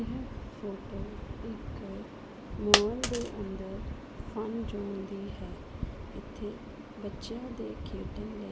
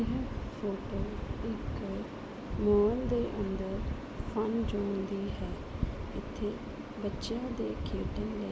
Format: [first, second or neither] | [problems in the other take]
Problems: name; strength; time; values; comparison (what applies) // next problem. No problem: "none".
second | background sound (Coin (dropping)); 4 dB above the speech